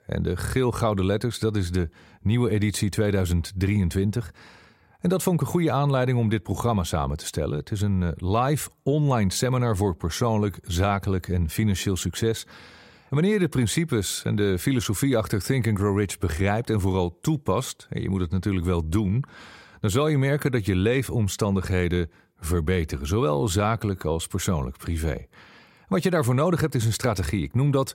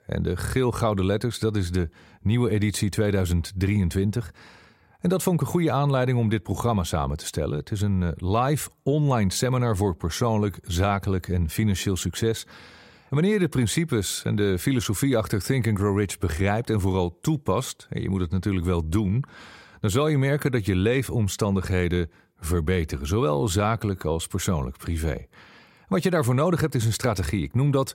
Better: neither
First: none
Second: none

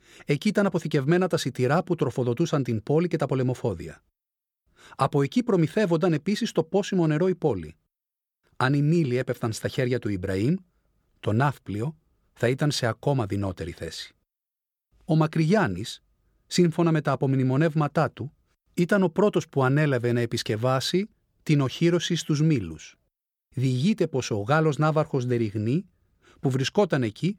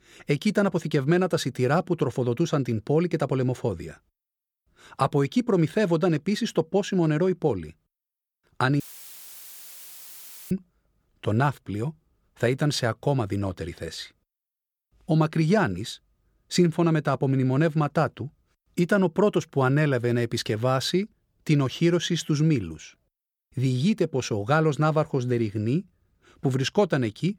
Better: first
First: none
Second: audio cutting out; filled with static; at 9 s for 1.5 s

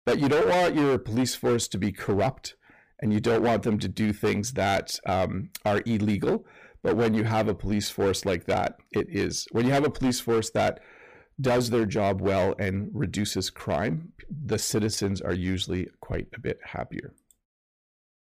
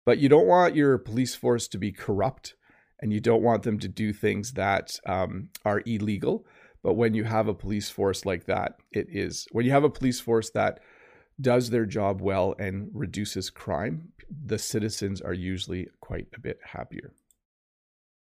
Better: second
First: distortion; heavy; 13% of the sound clipped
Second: none

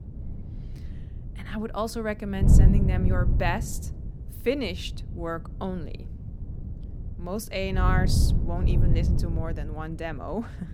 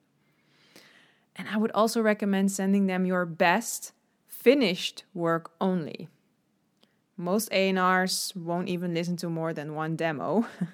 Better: second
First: wind noise on the microphone; heavy; 7 dB below the speech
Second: none

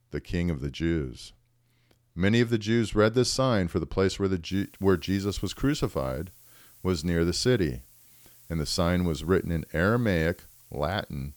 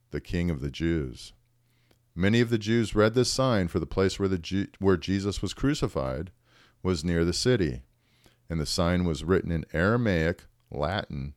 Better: second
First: hiss; faint; from 4.5 s on; 25 dB below the speech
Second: none

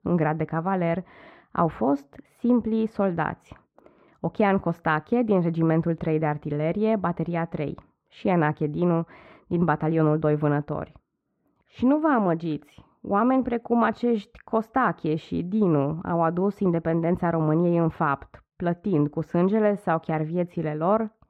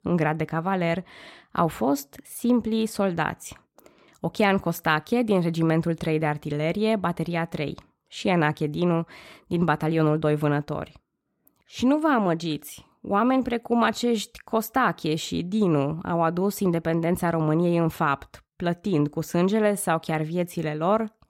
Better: second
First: muffled; very; fading above 4 kHz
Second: none

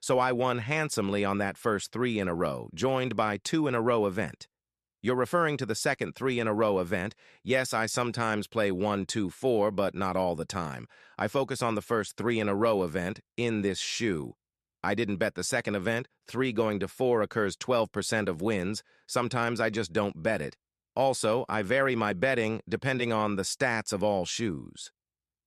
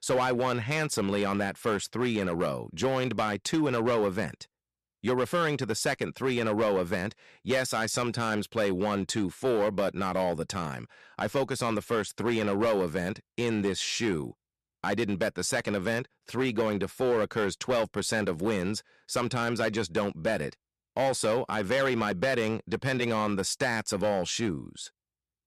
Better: first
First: none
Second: distortion; slight; 6% of the sound clipped

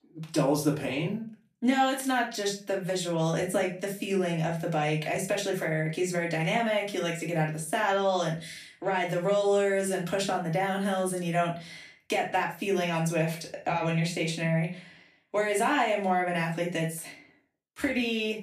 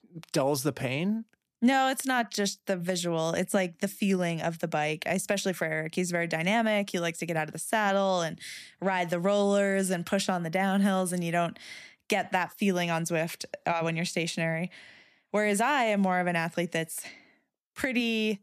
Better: second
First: off-mic speech; far // room echo; slight; dies away in 0.3 s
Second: none

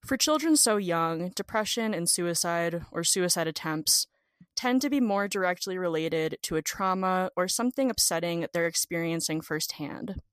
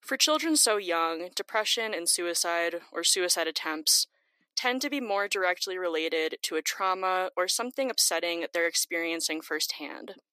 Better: first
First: none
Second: thin; somewhat; fading below 300 Hz

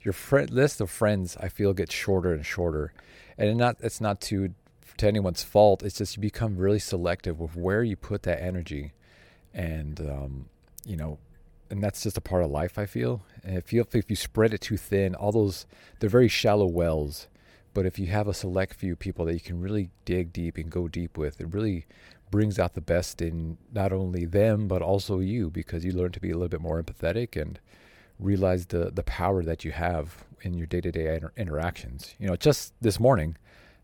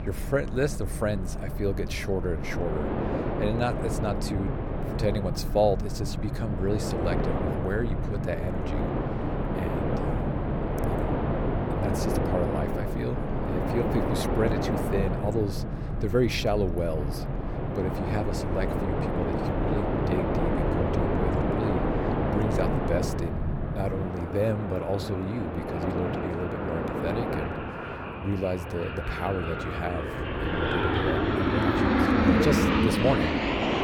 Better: first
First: none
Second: train or aircraft noise; very loud; throughout; 2 dB above the speech

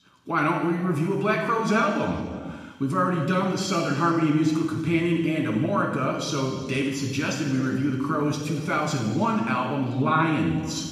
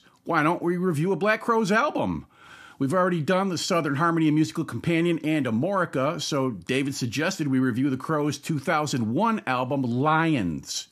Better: second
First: room echo; noticeable; dies away in 1.6 s // off-mic speech; far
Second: none

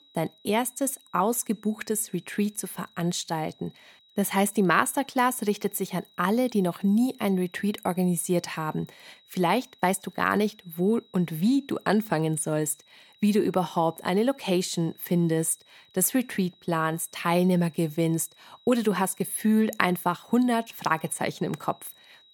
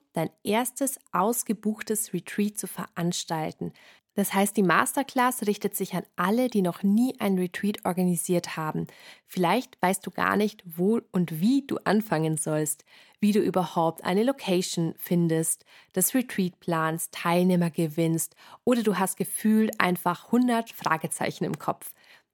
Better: second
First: high-pitched whine; faint; throughout; 4 kHz, 30 dB below the speech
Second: none

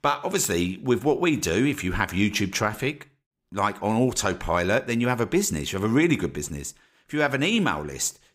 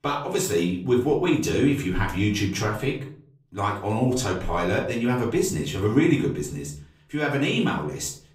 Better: first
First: none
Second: room echo; slight; dies away in 0.5 s // off-mic speech; far

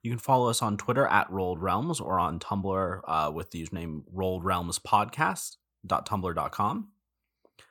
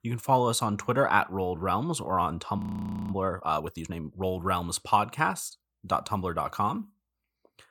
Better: first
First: none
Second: audio freezing; at 2.5 s for 0.5 s

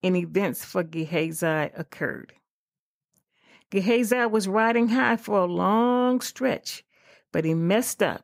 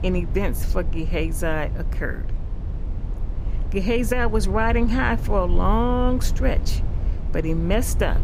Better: first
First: none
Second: low rumble; noticeable; throughout; 15 dB below the speech

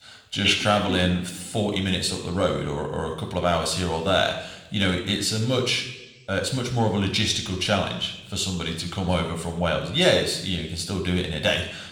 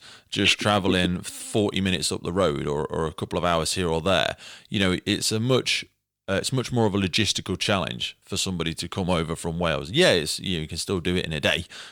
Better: second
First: room echo; slight; dies away in 0.9 s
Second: none

